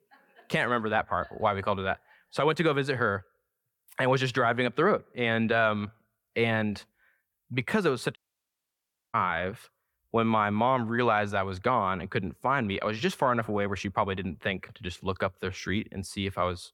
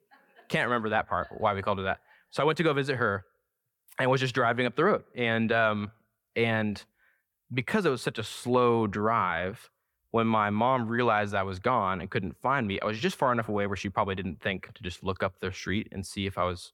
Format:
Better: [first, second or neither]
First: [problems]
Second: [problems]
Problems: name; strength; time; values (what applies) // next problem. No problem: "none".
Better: second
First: audio cutting out; at 8 s for 1 s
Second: none